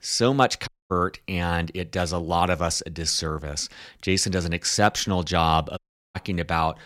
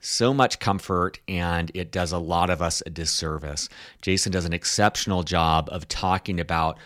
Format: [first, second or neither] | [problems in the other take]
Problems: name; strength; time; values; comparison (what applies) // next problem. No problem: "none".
second | audio cutting out; at 0.5 s and at 6 s